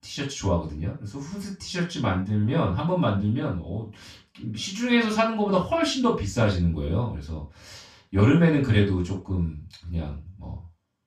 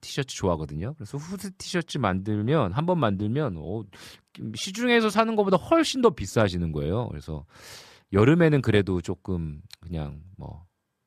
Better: second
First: room echo; noticeable; dies away in 0.2 s // off-mic speech; far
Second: none

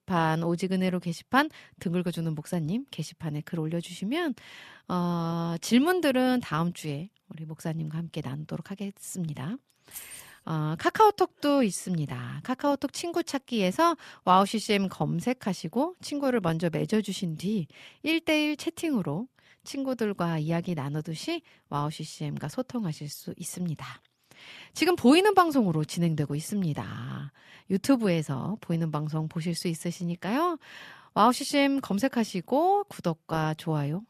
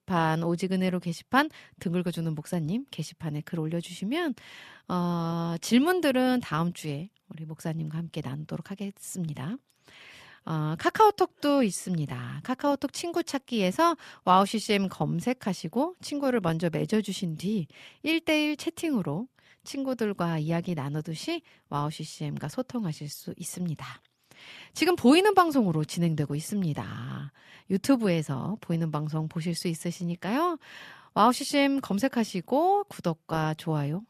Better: second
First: jangling keys; faint; at 10 s; peak 15 dB below the speech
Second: none

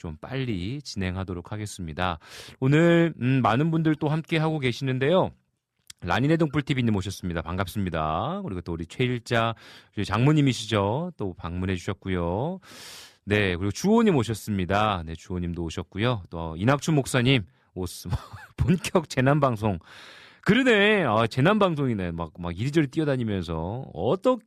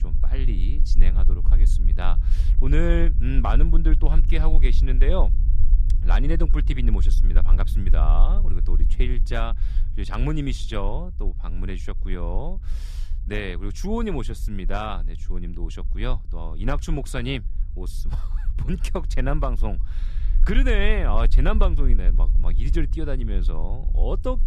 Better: first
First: none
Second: low rumble; noticeable; throughout; 15 dB below the speech

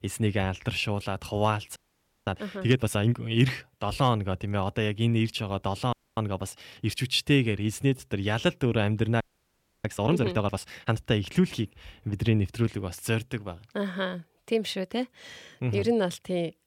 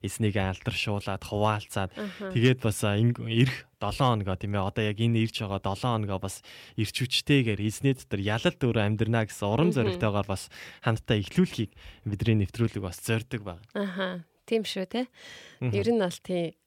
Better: second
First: audio freezing; at 2 s for 0.5 s, at 6 s and at 9 s for 0.5 s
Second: none

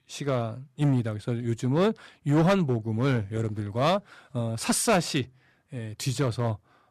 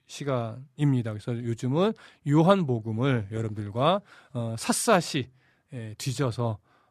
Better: second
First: distortion; slight; 4% of the sound clipped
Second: none

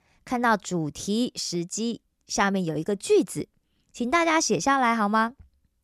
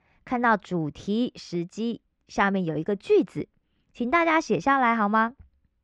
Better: first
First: none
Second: muffled; slightly; fading above 2.5 kHz

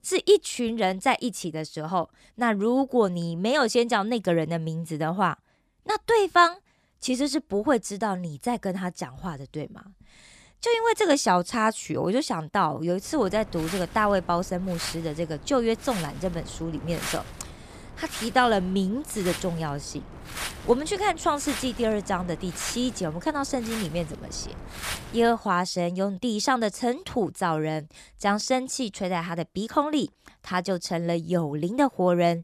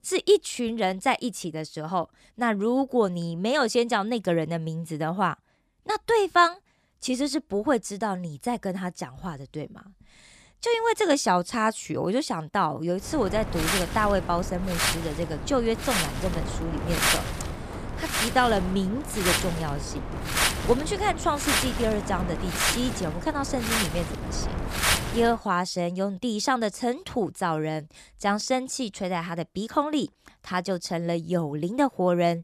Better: first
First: wind noise on the microphone; occasional gusts; from 13 to 25 s; 10 dB below the speech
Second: wind noise on the microphone; heavy; from 13 to 25 s; 1 dB below the speech

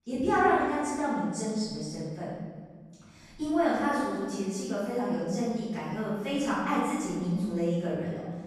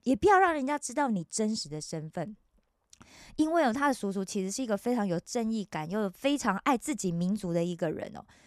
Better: second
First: off-mic speech; far // room echo; strong; dies away in 1.5 s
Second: none

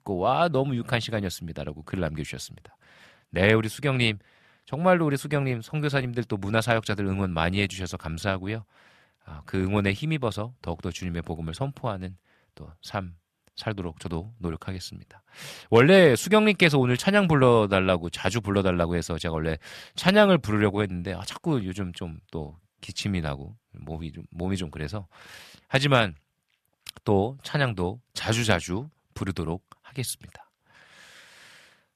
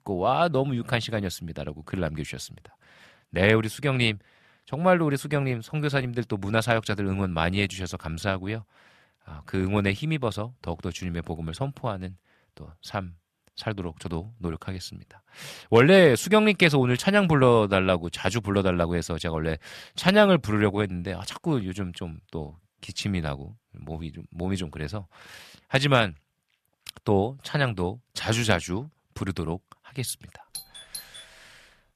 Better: first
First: none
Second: doorbell; faint; at 31 s; peak 15 dB below the speech

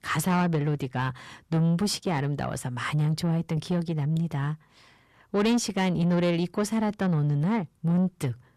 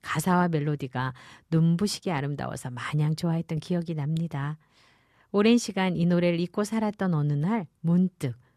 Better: second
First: distortion; slight; 10 dB below the speech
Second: none

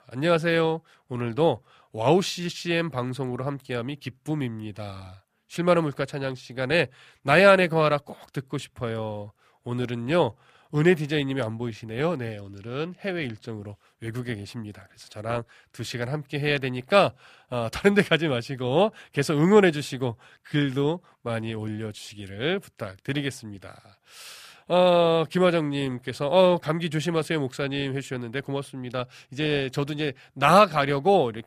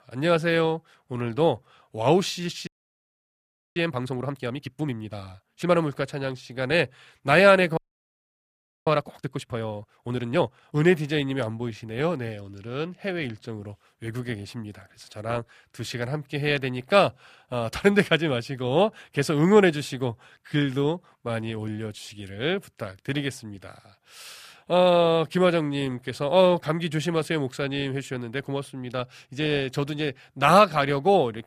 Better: first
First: none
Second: audio freezing; at 2.5 s for 1 s and at 8 s for 1 s

